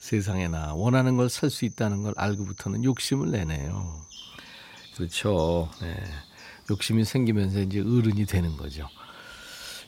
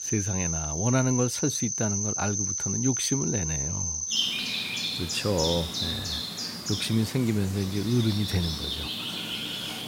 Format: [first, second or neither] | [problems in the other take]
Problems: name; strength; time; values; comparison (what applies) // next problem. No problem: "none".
first | animal sounds; loud; throughout; as loud as the speech; faint in the first